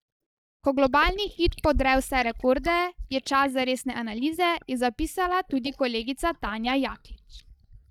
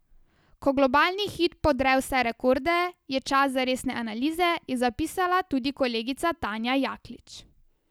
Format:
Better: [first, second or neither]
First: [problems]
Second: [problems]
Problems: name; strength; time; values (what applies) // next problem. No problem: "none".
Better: second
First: noise reduction (neural mask model DeepFilterNet 3)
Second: none